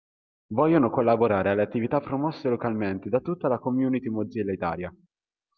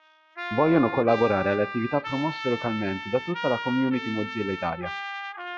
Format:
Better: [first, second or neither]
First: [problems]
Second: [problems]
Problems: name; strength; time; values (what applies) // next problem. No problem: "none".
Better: first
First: none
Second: noise reduction (classical method log-MMSE)